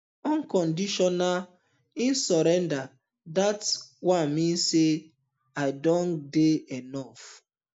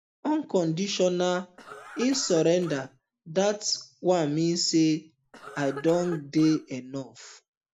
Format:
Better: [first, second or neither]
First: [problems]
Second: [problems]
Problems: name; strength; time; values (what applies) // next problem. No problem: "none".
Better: first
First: none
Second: background sound (Cough); 16 dB below the speech